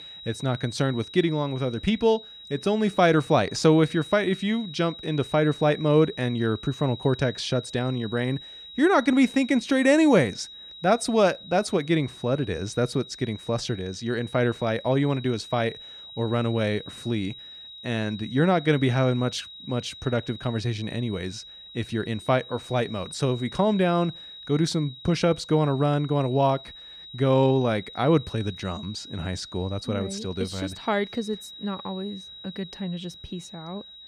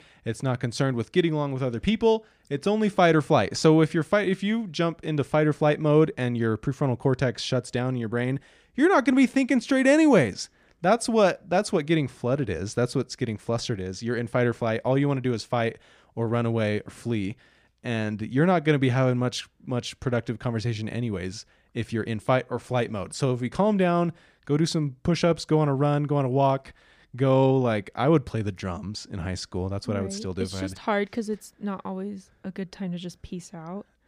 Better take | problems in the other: second | high-pitched whine; noticeable; throughout; 4 kHz, 15 dB below the speech

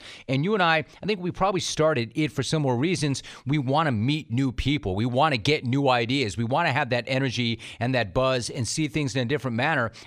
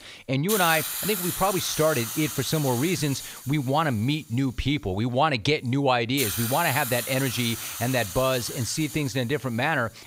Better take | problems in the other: first | hiss; loud; throughout; 5 dB below the speech

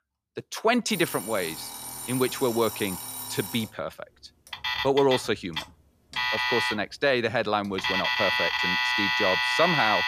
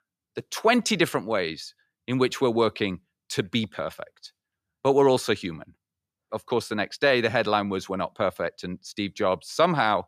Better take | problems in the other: second | alarms or sirens; loud; throughout; as loud as the speech

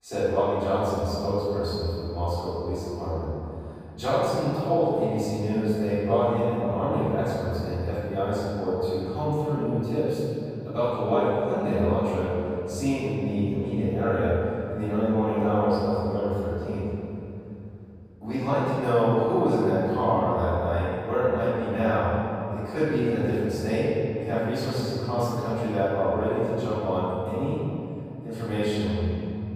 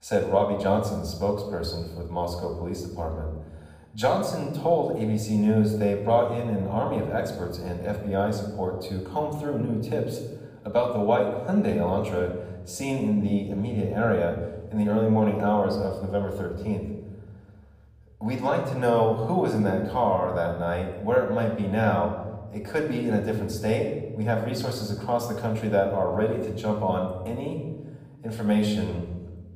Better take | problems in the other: second | room echo; strong; dies away in 2.8 s; slight in the second // off-mic speech; far; somewhat distant in the second

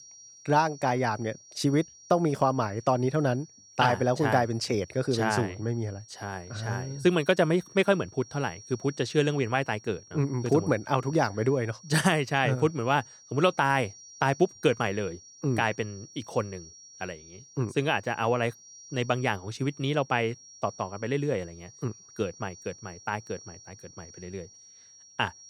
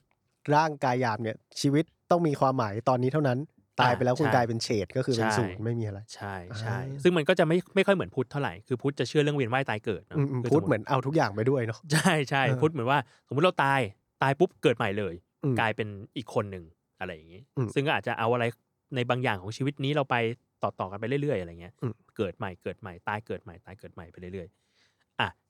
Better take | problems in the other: second | high-pitched whine; faint; throughout; 5.5 kHz, 20 dB below the speech

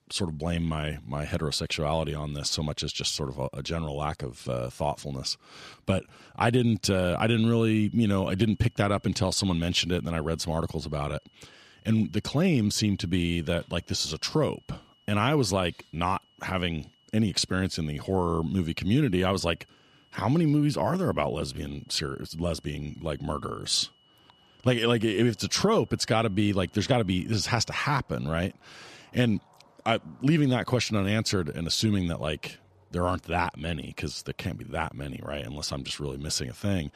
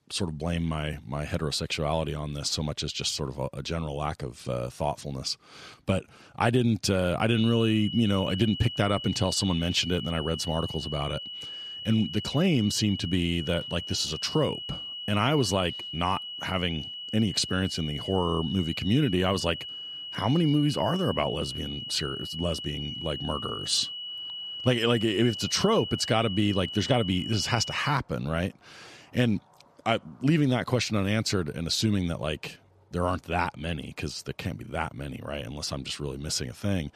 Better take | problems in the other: first | high-pitched whine; loud; from 7.5 to 28 s; 3 kHz, 7 dB below the speech; faint in the first

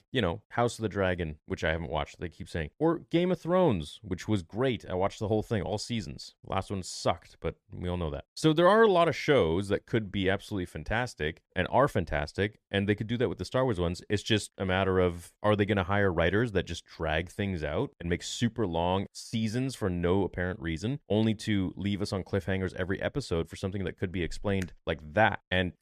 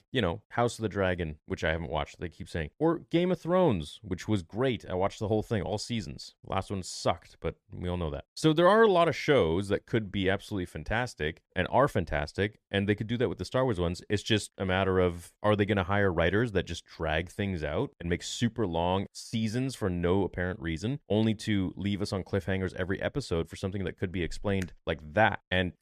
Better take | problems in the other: neither | none

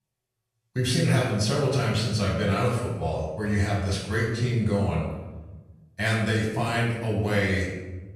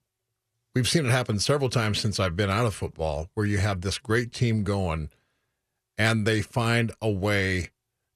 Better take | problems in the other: second | off-mic speech; far // room echo; noticeable; dies away in 0.9 s

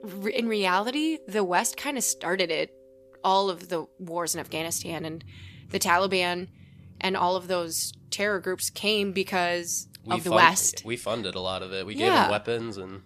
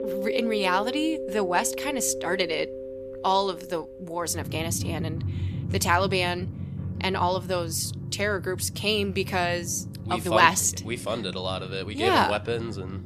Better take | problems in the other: first | background music; loud; throughout; 8 dB below the speech; faint in the first

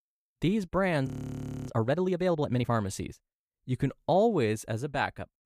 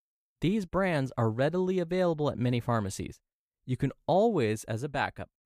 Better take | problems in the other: second | audio freezing; at 1 s for 0.5 s

